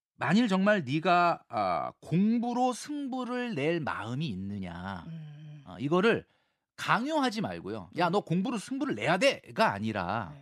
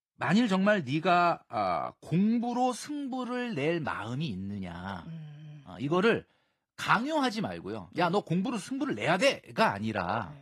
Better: first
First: none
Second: garbled, watery; slightly; nothing above 14 kHz

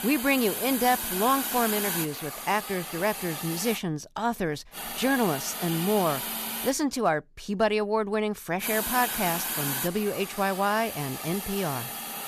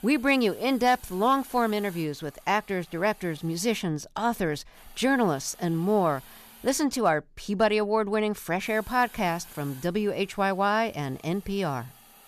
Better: second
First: hiss; loud; until 4 s, from 5 to 6.5 s and from 8.5 s on; 3 dB below the speech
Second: hiss; faint; until 4 s, from 5 to 6.5 s and from 8.5 s on; 20 dB below the speech

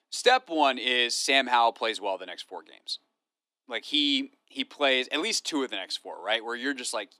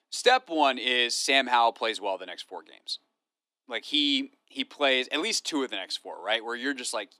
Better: neither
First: thin; somewhat; fading below 300 Hz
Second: thin; somewhat; fading below 300 Hz

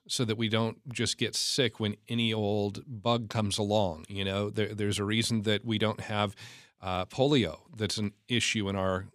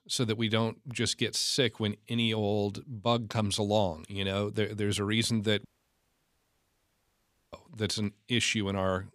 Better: first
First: none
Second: audio cutting out; at 5.5 s for 2 s

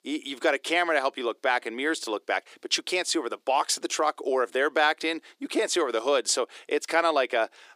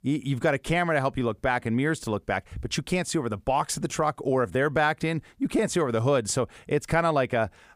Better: second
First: thin; somewhat; fading below 300 Hz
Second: none

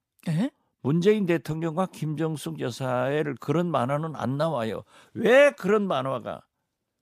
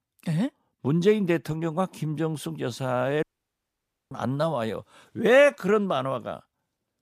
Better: first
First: none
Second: audio cutting out; at 3 s for 1 s

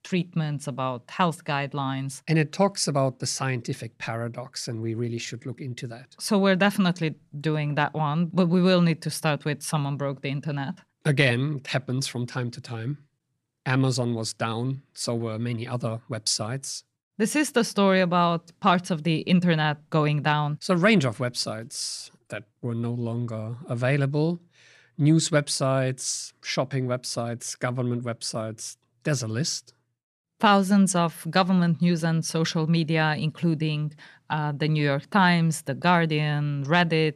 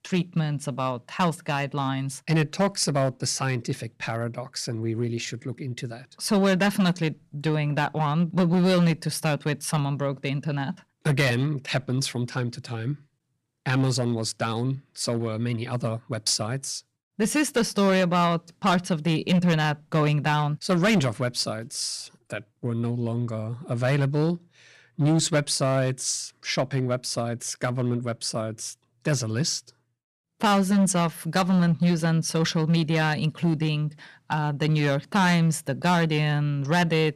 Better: first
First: none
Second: distortion; slight; 6% of the sound clipped

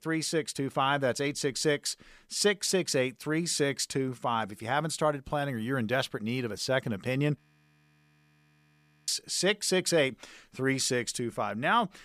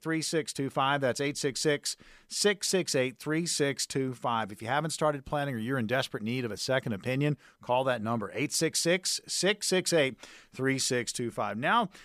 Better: second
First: audio freezing; at 7.5 s for 1.5 s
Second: none

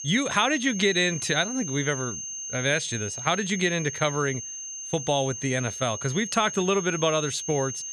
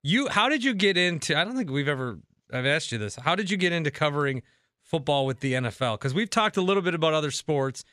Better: second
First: high-pitched whine; loud; throughout; 6.5 kHz, 7 dB below the speech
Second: none

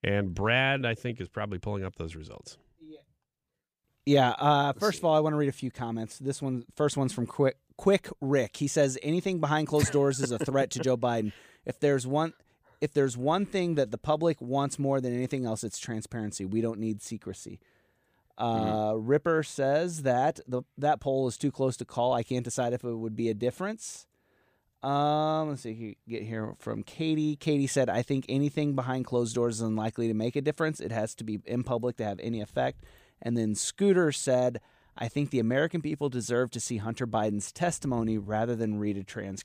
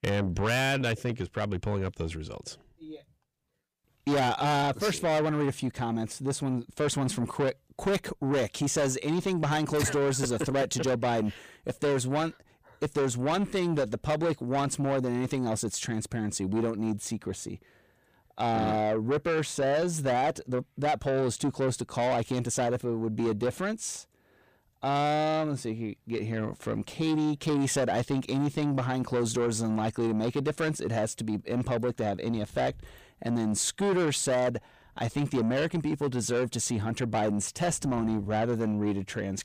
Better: first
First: none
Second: distortion; heavy; 7 dB below the speech

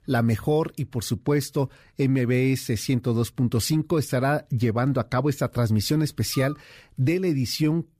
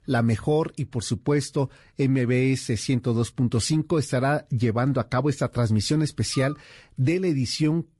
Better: first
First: none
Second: garbled, watery; slightly; nothing above 11 kHz

